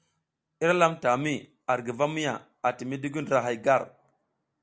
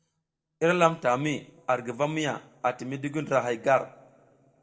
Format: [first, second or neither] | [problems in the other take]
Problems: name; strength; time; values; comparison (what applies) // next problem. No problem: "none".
first | noise reduction (neural separator model SepFormer DNS4)